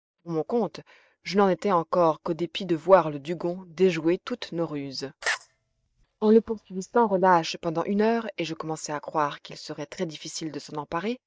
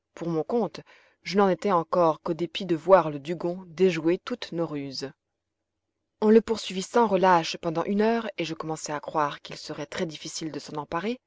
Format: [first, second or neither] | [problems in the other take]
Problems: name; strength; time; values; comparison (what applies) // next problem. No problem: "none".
second | noise reduction (neural mask model DeepFilterNet 3)